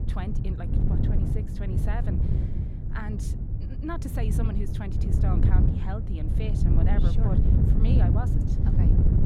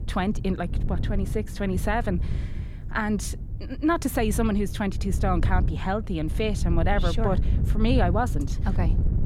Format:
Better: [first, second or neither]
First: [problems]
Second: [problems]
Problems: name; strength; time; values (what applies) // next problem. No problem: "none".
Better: second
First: wind noise on the microphone; heavy; 2 dB above the speech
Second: wind noise on the microphone; occasional gusts; 15 dB below the speech